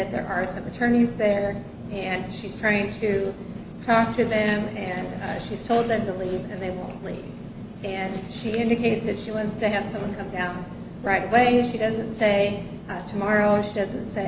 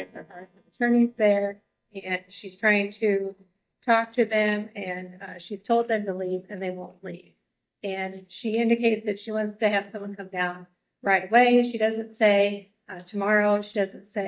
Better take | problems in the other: first | noise reduction (neural mask model DeepFilterNet 3)

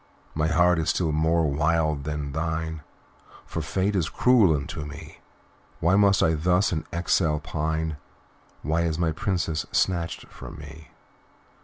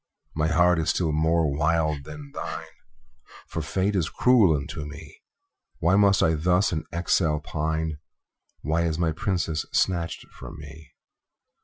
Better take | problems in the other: first | noise reduction (classical method Wiener filter)

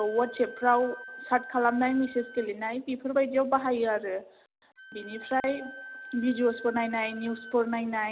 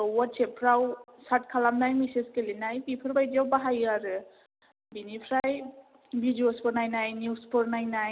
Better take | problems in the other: second | background sound (Wind instrument, woodwind instrument); 17 dB below the speech

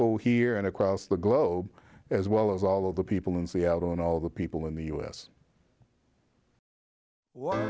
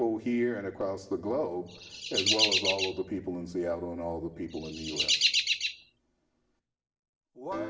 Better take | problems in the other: first | background sound (Chirp, tweet); 3 dB above the speech // room echo; dies away in 0.9 s

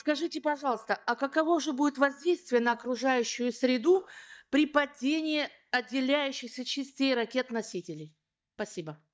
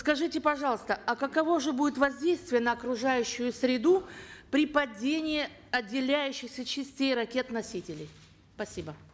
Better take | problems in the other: second | noise reduction (neural mask model DeepFilterNet 3)

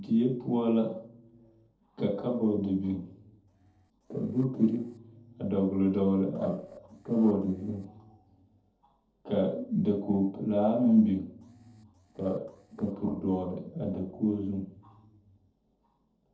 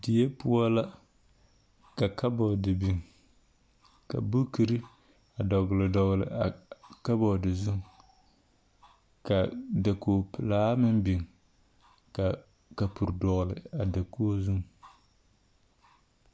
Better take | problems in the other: second | noise reduction (neural separator model SepFormer DNS4)

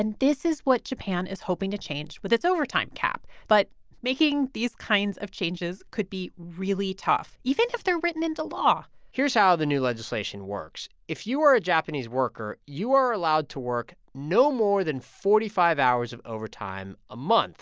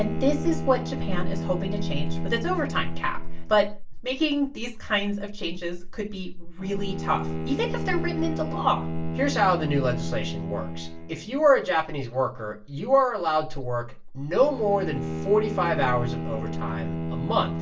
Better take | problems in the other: first | background sound (Bowed string instrument); 7 dB below the speech // room echo; dies away in 0.3 s

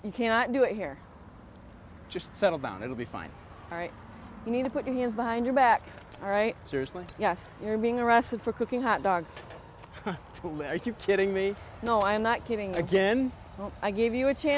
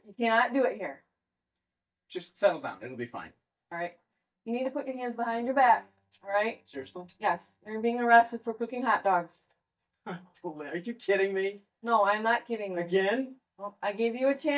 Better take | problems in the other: first | noise reduction (neural mask model DeepFilterNet 3)

